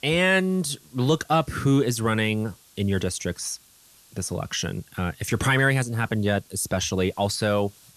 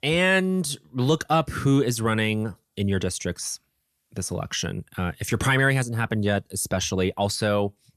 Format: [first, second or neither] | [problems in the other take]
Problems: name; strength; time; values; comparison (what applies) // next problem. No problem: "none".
second | hiss; faint; throughout; 30 dB below the speech